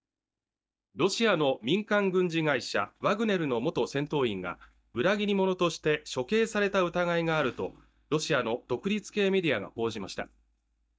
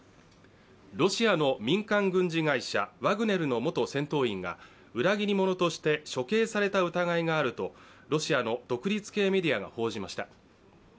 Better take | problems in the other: second | noise reduction (neural mask model DeepFilterNet 3)

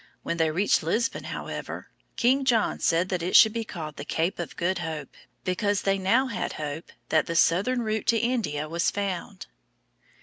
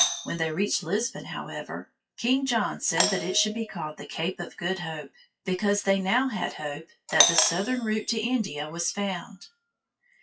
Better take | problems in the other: first | noise reduction (classical method WPE with log-MMSE)

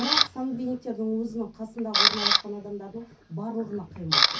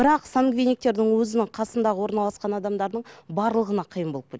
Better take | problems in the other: second | background sound (Camera); 5 dB above the speech // room echo; dies away in 0.3 s

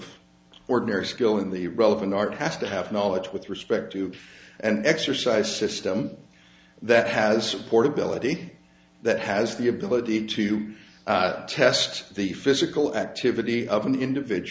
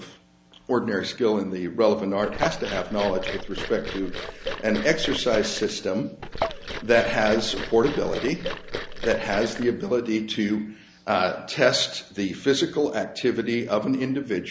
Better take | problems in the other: first | background sound (Liquid); 7 dB below the speech

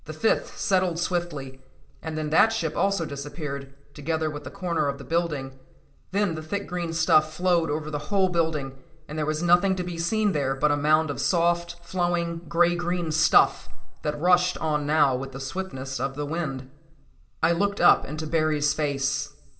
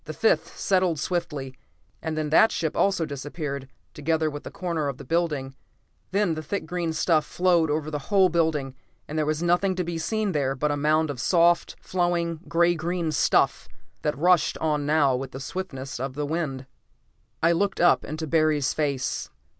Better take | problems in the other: second | room echo; dies away in 0.4 s

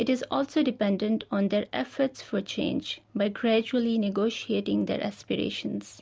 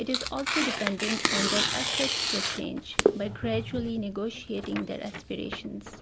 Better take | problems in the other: first | background sound (Tearing); 2 dB above the speech

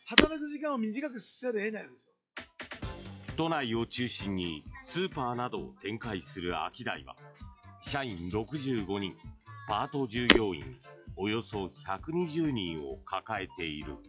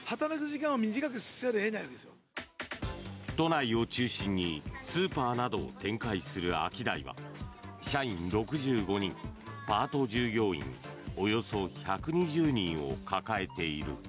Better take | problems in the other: second | noise reduction (classical method log-MMSE)

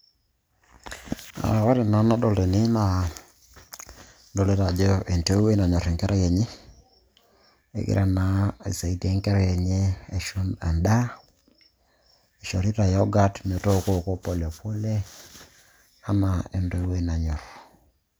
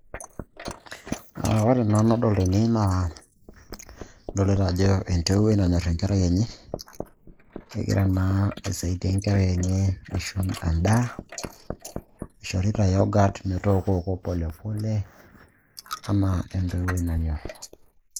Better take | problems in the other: first | noise reduction (neural mask model Resemble Enhance denoiser)

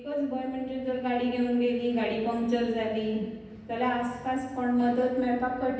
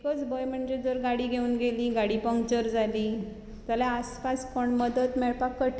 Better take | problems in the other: second | room echo; dies away in 0.9 s

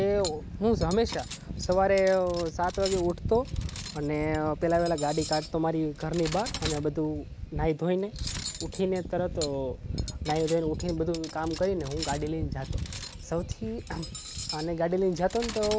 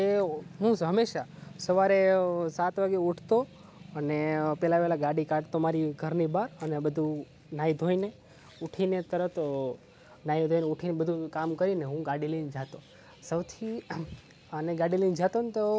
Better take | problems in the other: second | background sound (Cutlery, silverware); 8 dB below the speech

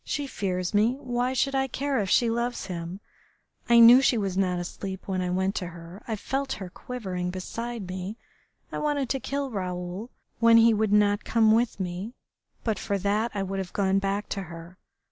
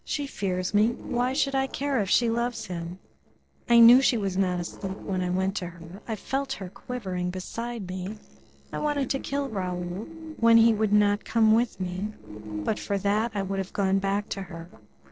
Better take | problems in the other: first | noise reduction (neural separator model SepFormer DNS4)

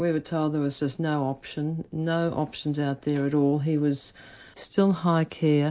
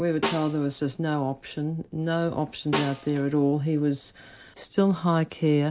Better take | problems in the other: first | background sound (Snare drum); 12 dB below the speech

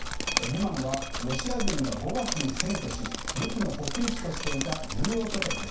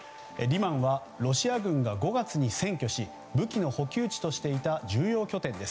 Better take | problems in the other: second | background sound (Drip); as loud as the speech // room echo; dies away in 0.6 s

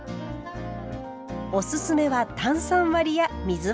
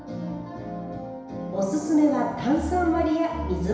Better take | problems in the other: first | room echo; dies away in 1 s

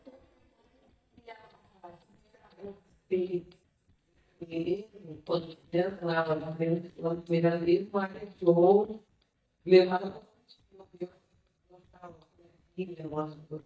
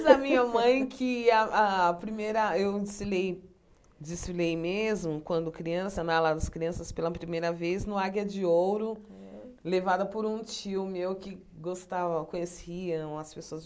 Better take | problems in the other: second | noise reduction (neural mask model DeepFilterNet 3)

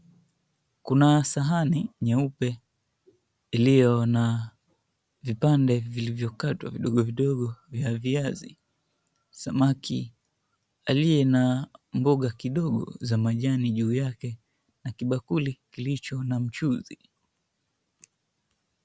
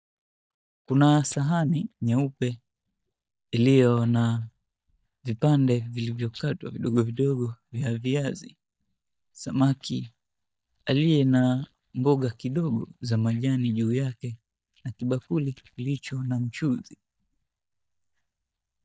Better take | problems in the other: first | noise reduction (neural mask model DeepFilterNet 3)

